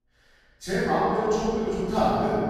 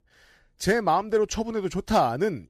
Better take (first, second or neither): second